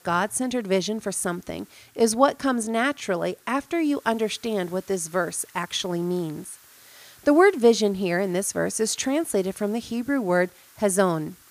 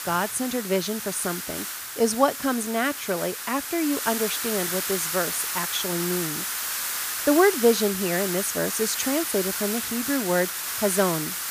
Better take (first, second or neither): first